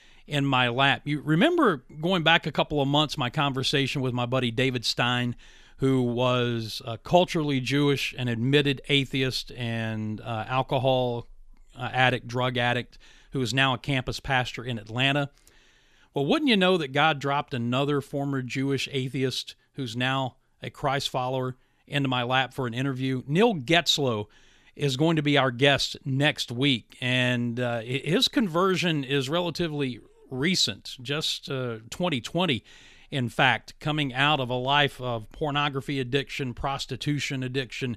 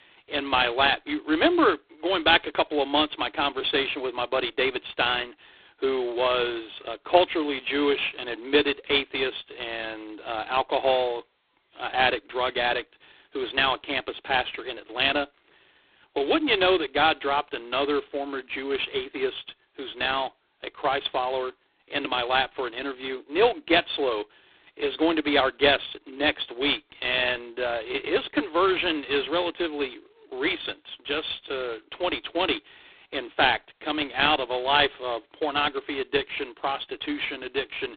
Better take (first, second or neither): first